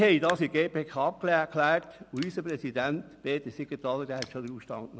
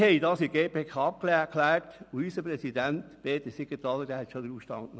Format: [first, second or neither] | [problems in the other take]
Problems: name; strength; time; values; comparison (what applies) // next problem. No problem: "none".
second | background sound (Raindrop); 19 dB below the speech